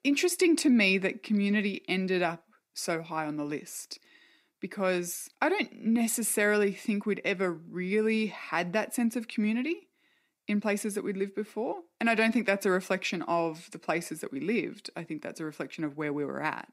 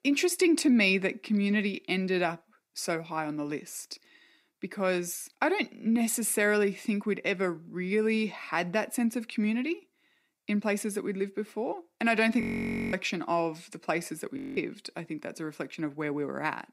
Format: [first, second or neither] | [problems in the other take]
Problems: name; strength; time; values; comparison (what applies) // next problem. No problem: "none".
first | audio freezing; at 12 s for 0.5 s and at 14 s